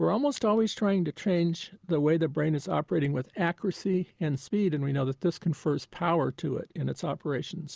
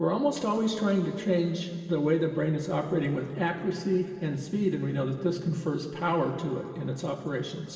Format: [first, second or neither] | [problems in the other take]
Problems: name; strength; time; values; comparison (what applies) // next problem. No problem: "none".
first | room echo; dies away in 2.5 s